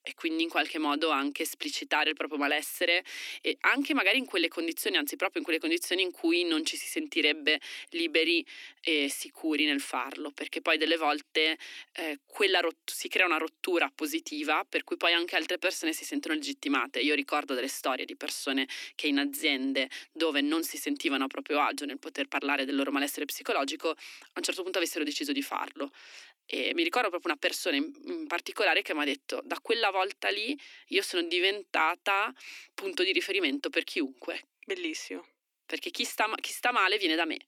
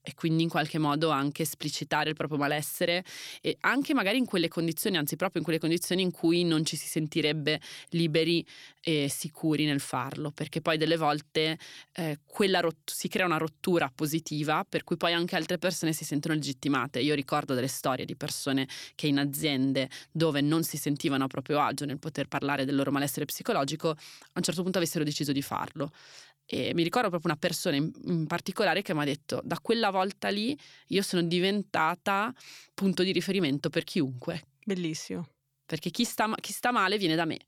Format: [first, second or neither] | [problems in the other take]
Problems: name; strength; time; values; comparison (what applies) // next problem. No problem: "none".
second | thin; very slightly; fading below 250 Hz